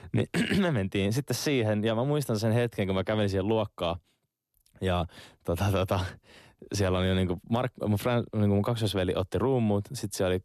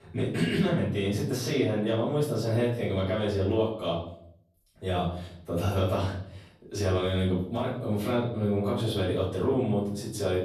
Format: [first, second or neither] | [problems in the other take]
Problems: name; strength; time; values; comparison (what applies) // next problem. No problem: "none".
first | room echo; noticeable; dies away in 0.6 s // off-mic speech; far